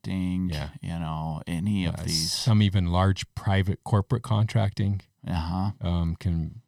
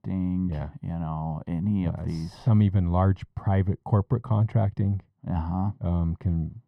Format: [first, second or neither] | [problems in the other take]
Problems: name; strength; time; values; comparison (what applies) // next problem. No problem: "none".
first | muffled; very; fading above 2.5 kHz